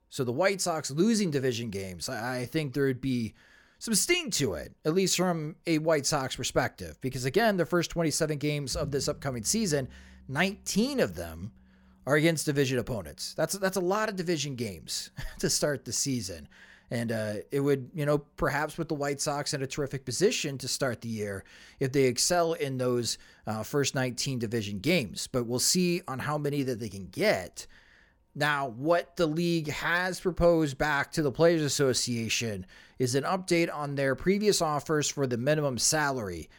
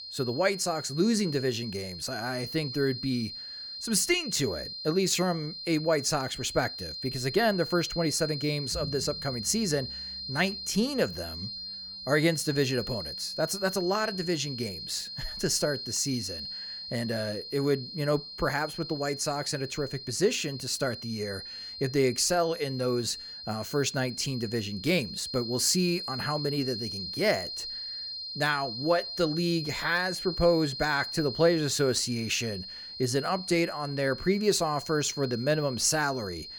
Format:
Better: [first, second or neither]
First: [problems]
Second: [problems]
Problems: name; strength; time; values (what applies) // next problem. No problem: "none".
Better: first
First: none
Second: high-pitched whine; loud; throughout; 4 kHz, 8 dB below the speech